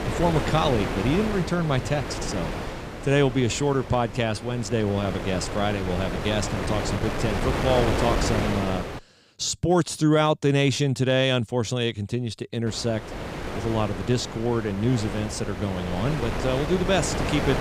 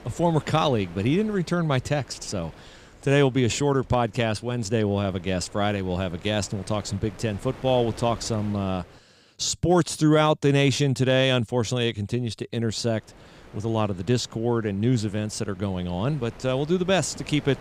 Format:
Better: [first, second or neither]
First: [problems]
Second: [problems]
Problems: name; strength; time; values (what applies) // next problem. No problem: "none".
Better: second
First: wind noise on the microphone; heavy; until 9 s and from 13 s on; 4 dB below the speech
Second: wind noise on the microphone; occasional gusts; until 9 s and from 13 s on; 20 dB below the speech